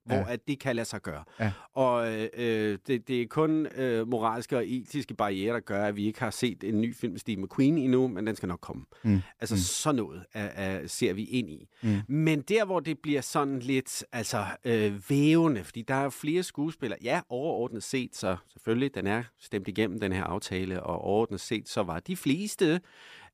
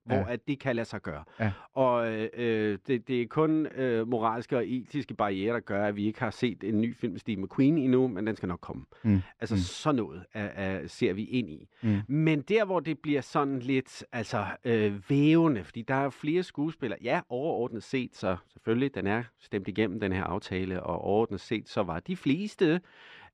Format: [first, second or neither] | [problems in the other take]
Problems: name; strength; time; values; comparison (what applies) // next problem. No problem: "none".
first | muffled; slightly; fading above 3.5 kHz